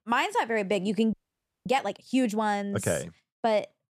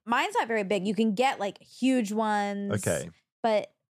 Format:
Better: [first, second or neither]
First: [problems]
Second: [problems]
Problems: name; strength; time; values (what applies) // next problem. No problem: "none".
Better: second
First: audio freezing; at 1 s for 0.5 s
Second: none